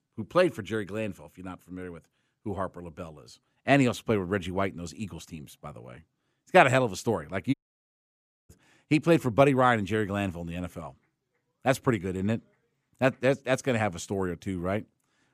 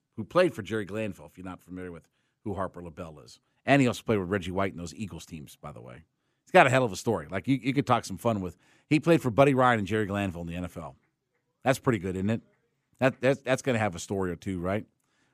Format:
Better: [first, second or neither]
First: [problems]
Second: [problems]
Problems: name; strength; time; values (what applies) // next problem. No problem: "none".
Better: second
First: audio cutting out; at 7.5 s for 1 s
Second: none